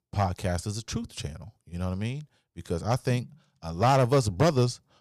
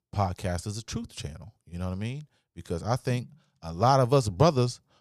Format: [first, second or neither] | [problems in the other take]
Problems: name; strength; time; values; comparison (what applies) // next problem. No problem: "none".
second | distortion; slight; 2% of the sound clipped